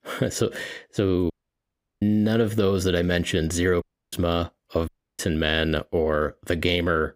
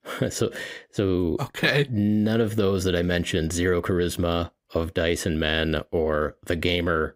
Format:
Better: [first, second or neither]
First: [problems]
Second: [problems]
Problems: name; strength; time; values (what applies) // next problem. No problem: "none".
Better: second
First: audio cutting out; at 1.5 s for 0.5 s, at 4 s and at 5 s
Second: none